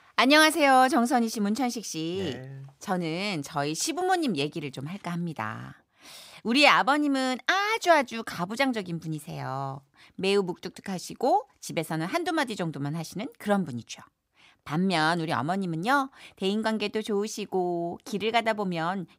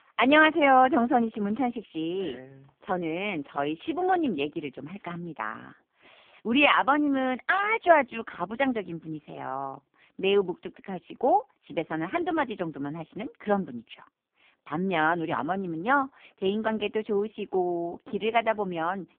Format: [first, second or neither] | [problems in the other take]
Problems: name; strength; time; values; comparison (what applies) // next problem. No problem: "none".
first | phone-call audio; poor line; nothing above 3.5 kHz